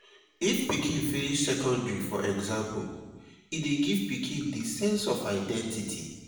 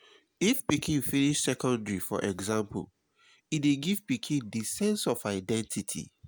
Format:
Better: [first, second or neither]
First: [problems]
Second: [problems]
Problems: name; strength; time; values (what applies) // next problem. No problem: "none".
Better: second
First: room echo; dies away in 1.2 s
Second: none